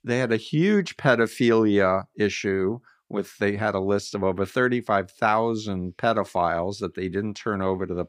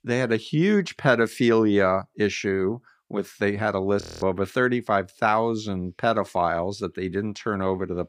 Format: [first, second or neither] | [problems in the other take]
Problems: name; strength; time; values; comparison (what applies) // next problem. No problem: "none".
first | audio freezing; at 4 s